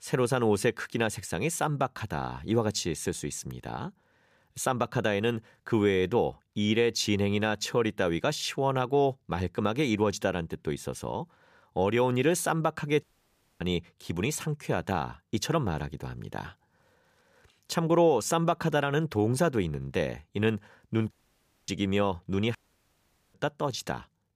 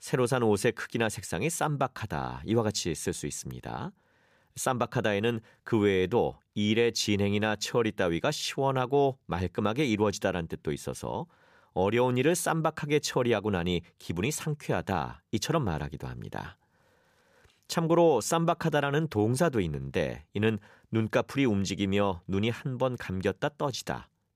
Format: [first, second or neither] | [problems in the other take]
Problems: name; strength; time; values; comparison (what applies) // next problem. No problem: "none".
second | audio cutting out; at 13 s for 0.5 s, at 21 s for 0.5 s and at 23 s for 1 s